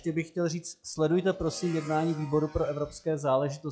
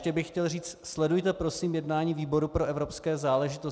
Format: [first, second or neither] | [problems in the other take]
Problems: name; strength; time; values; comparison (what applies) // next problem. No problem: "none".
second | noise reduction (classical method log-MMSE)